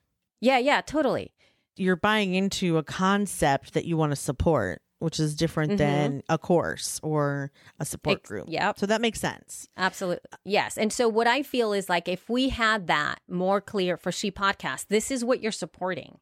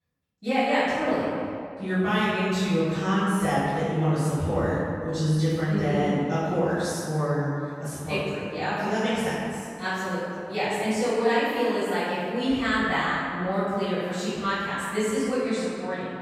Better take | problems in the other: first | off-mic speech; far // room echo; strong; dies away in 2 s

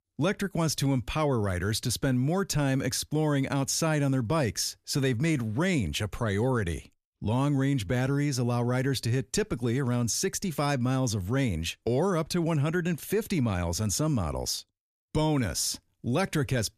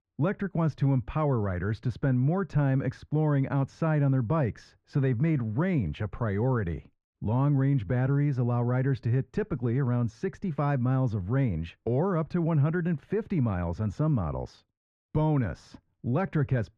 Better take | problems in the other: first | muffled; very; fading above 1.5 kHz

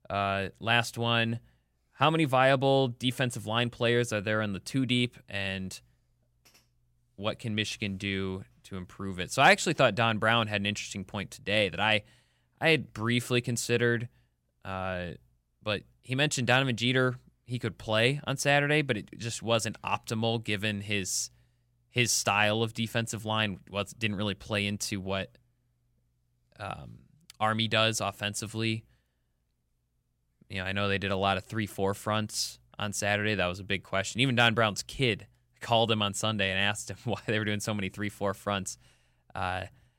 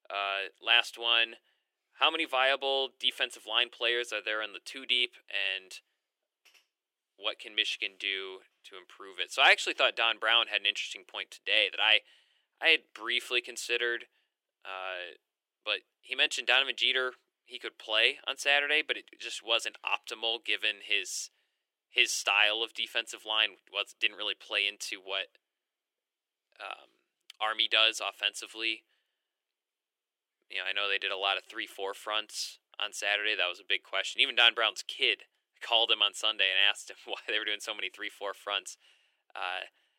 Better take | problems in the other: first | thin; very; fading below 350 Hz

